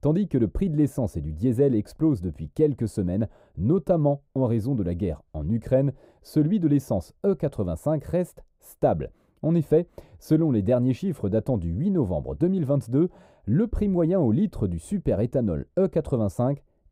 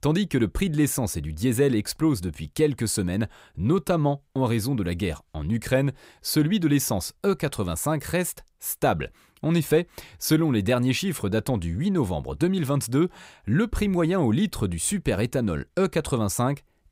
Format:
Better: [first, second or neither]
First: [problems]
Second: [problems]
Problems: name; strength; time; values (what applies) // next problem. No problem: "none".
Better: second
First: muffled; very; fading above 1 kHz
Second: none